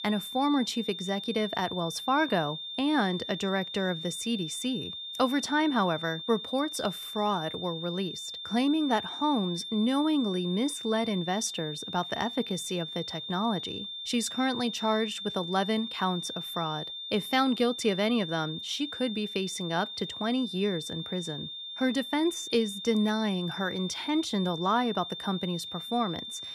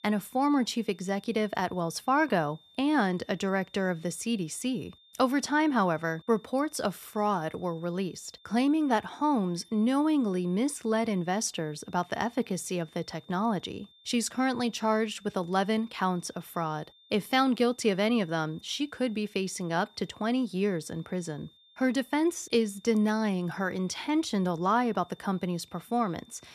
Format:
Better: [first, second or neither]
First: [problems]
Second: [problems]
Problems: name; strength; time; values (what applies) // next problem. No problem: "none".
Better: second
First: high-pitched whine; loud; throughout; 3.5 kHz, 7 dB below the speech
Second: high-pitched whine; faint; throughout; 3.5 kHz, 30 dB below the speech